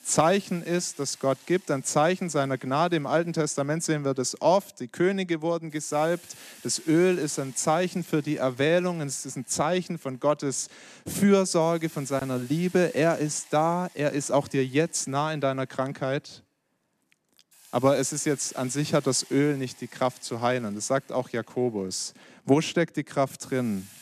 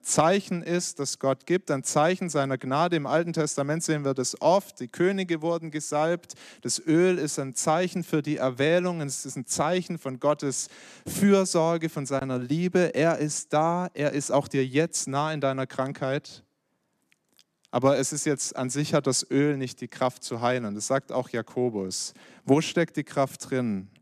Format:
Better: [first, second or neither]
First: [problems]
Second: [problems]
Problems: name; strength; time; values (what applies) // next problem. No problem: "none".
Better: second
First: hiss; faint; throughout; 25 dB below the speech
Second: none